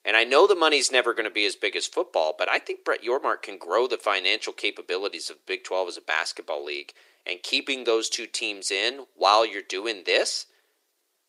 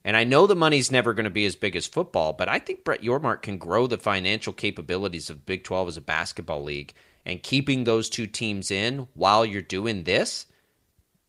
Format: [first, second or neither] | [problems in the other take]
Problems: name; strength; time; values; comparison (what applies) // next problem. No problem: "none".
second | thin; very; fading below 350 Hz